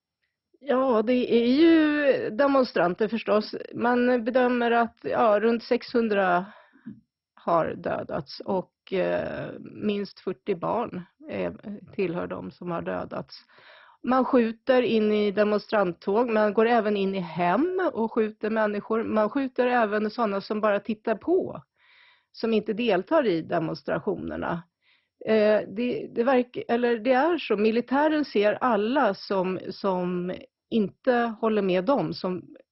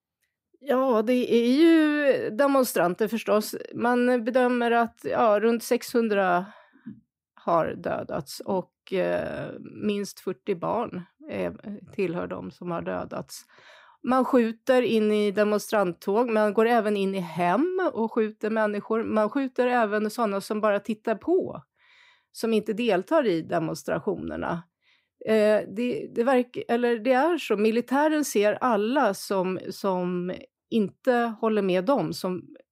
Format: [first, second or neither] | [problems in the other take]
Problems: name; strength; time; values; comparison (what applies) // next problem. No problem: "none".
second | garbled, watery; badly; nothing above 5.5 kHz